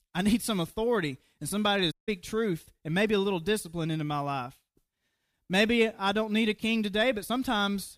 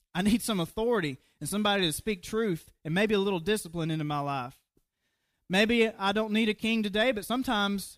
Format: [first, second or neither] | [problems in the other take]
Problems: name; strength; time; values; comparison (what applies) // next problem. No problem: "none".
second | audio cutting out; at 2 s